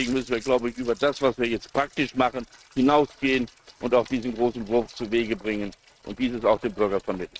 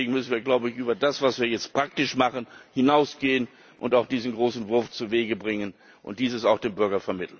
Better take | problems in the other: second | noise reduction (neural mask model RNNoise)

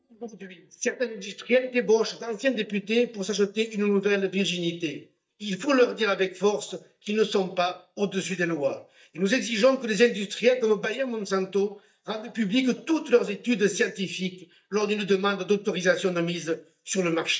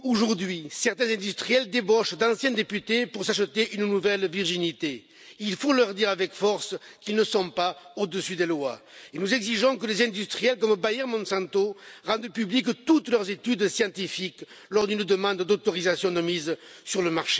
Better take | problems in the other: second | noise reduction (neural mask model DeepFilterNet 3)

